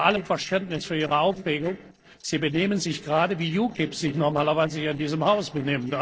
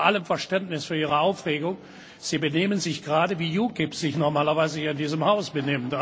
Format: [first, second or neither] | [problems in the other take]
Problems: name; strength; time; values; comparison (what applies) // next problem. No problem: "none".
second | noise reduction (neural separator model SepFormer DNS4)